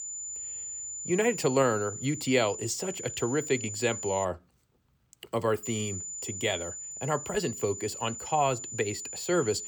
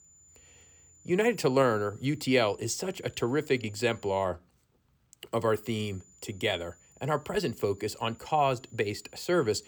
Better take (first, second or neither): second